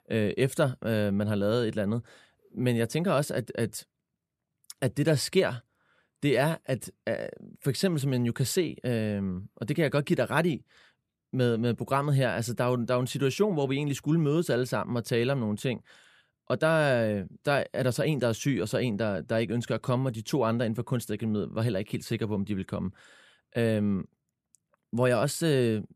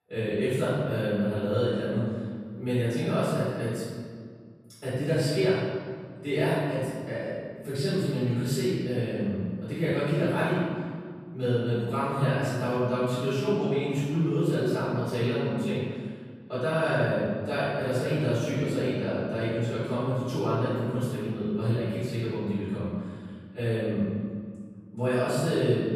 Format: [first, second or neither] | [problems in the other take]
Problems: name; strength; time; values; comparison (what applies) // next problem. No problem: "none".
first | room echo; strong; dies away in 1.8 s // off-mic speech; far